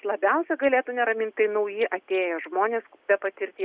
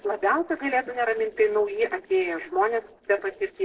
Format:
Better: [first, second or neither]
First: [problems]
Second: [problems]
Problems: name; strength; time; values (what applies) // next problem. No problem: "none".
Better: first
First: none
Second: noise reduction (neural separator model SepFormer DNS4)